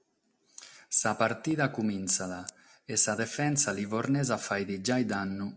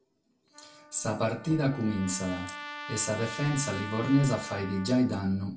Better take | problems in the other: first | background sound (Trumpet); 13 dB below the speech // room echo; dies away in 0.2 s

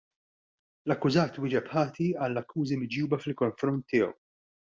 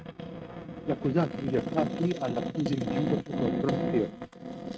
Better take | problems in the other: first | noise reduction (neural mask model RNNoise)

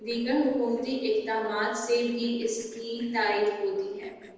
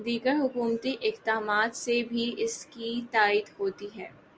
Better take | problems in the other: second | noise reduction (neural separator model SepFormer DNS4)

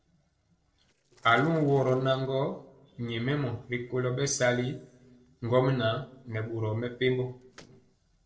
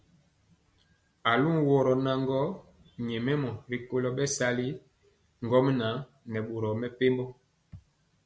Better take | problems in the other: second | noise reduction (neural separator model SepFormer DNS4)

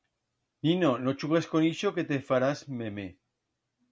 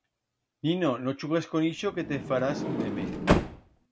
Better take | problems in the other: first | background sound (Sliding door); 1 dB above the speech

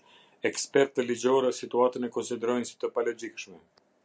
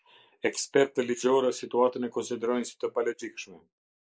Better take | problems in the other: first | noise reduction (neural mask model Resemble Enhance denoiser)

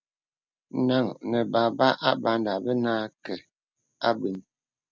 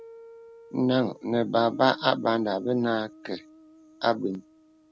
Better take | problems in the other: first | background sound (Guitar); 20 dB below the speech

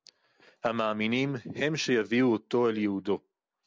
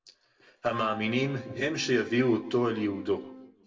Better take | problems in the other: first | background sound (Wind instrument, woodwind instrument); 15 dB below the speech // room echo; dies away in 0.7 s

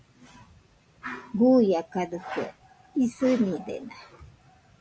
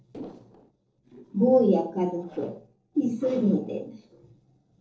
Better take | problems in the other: first | noise reduction (neural separator model SepFormer DNS4)

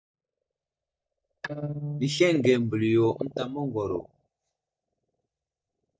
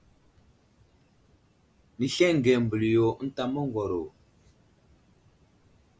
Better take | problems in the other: second | noise reduction (neural mask model DeepFilterNet 3)

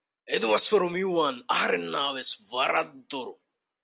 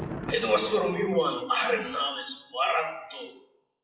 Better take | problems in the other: first | noise reduction (classical method WPE with log-MMSE)

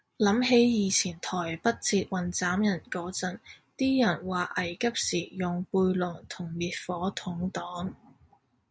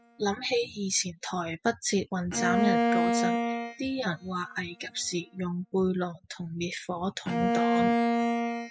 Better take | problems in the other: first | noise reduction (classical method spectral subtraction)

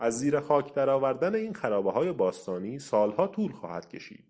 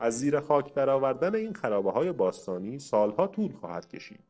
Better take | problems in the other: first | noise reduction (neural separator model SepFormer DNS4)

